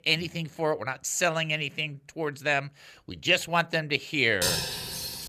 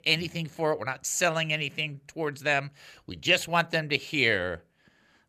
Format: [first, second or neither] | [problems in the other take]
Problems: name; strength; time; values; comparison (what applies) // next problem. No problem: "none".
second | clattering dishes; loud; at 4.5 s; peak 1 dB above the speech